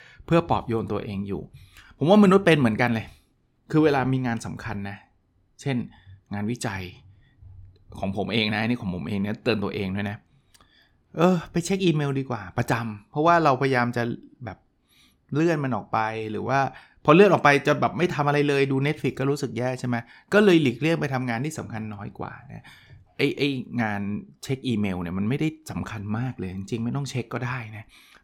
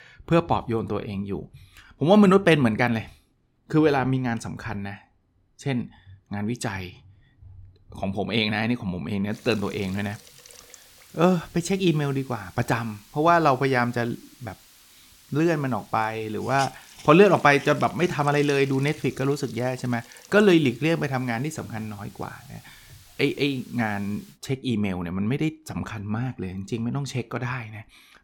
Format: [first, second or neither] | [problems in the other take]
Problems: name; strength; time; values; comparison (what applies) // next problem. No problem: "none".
first | hiss; faint; from 9.5 to 24 s; 20 dB below the speech